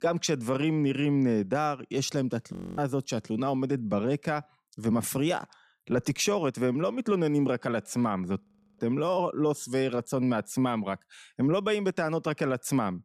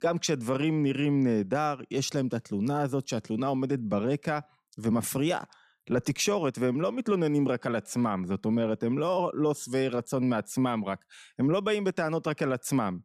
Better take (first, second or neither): second